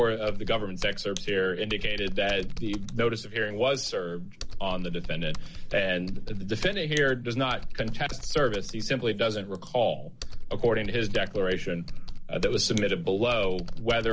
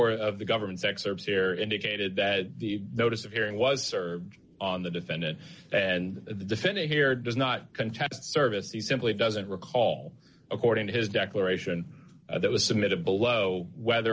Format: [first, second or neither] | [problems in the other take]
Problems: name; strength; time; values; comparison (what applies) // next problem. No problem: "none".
second | background sound (Computer keyboard); 4 dB below the speech